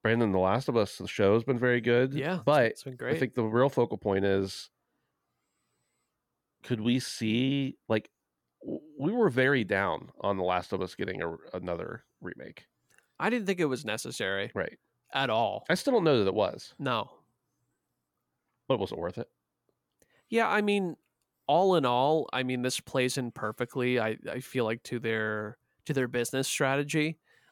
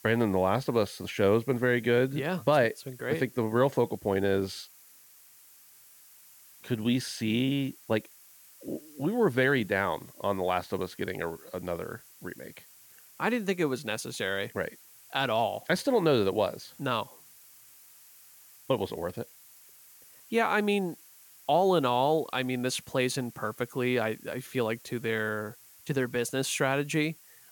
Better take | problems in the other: first | hiss; faint; throughout; 25 dB below the speech

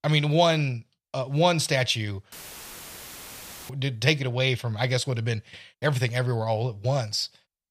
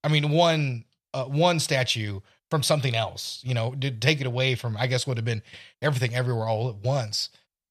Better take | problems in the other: second | audio cutting out; filled with static; at 2.5 s for 1.5 s

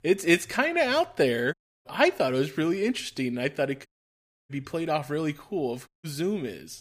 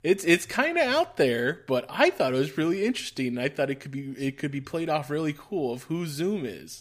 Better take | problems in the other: second | audio cutting out; at 1.5 s, at 4 s for 0.5 s and at 6 s

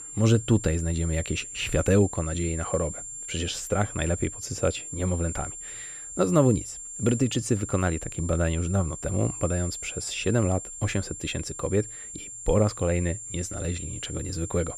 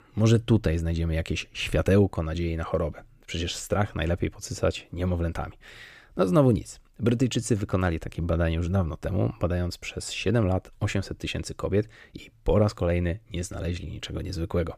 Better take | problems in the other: second | high-pitched whine; loud; throughout; 7.5 kHz, 8 dB below the speech

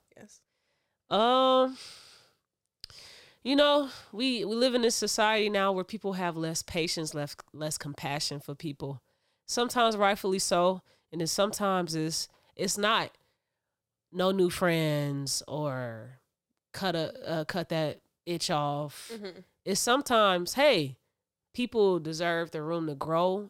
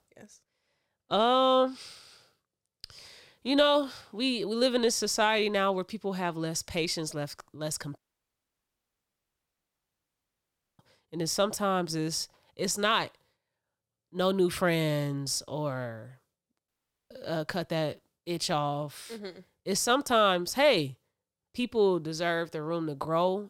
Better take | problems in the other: first | audio cutting out; at 8 s for 3 s and at 17 s

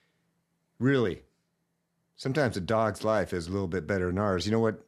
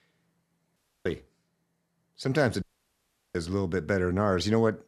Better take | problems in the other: first | audio cutting out; at 1 s and at 2.5 s for 0.5 s

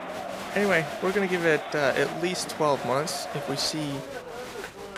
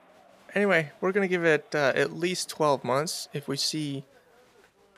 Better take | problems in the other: second | crowd noise; loud; throughout; 8 dB below the speech; faint in the second

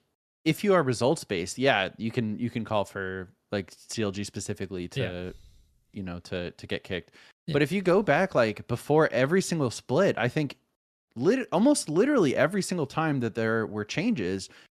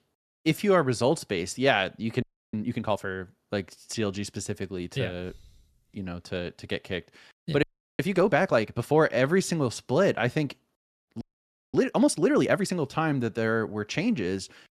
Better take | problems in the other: first | audio freezing; at 2 s, at 7.5 s and at 11 s for 0.5 s

